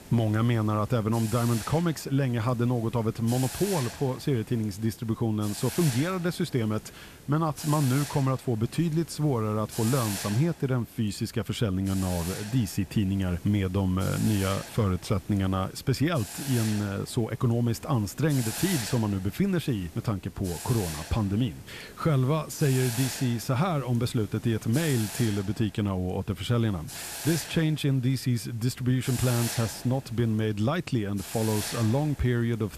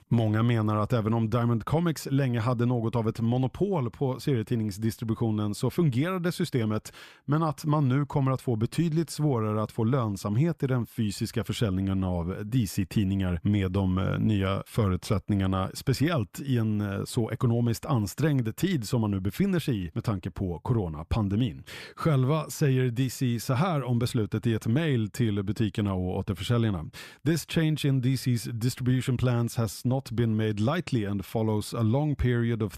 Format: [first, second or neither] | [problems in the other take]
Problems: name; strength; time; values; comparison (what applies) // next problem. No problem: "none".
second | hiss; noticeable; throughout; 10 dB below the speech